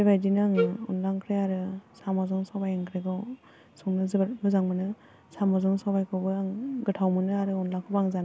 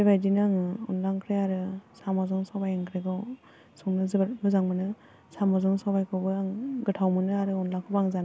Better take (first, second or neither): second